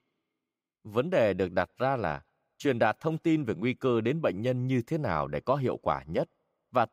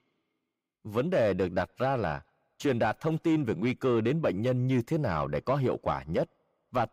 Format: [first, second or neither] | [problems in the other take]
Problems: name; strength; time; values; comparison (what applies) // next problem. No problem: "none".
first | distortion; slight; 10 dB below the speech